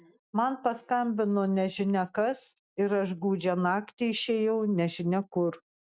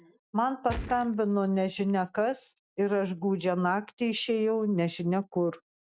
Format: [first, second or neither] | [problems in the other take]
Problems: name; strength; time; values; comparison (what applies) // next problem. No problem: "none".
first | background sound (Gunshot, gunfire); 8 dB below the speech